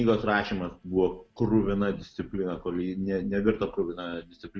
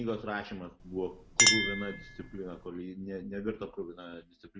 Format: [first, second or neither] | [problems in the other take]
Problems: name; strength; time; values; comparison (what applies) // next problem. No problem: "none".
first | background sound (Chink, clink); 4 dB above the speech